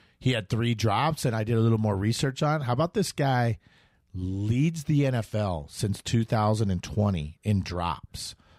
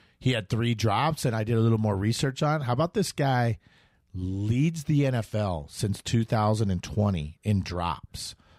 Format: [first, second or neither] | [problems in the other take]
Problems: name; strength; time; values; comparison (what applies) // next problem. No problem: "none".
neither | none